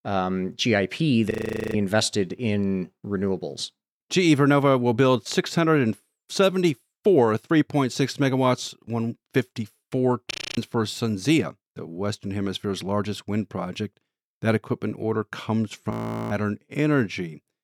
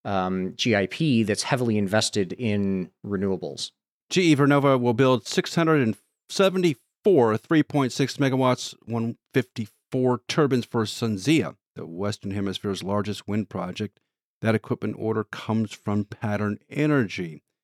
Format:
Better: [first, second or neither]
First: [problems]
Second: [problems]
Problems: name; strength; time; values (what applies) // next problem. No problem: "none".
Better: second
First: audio freezing; at 1.5 s, at 10 s and at 16 s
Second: none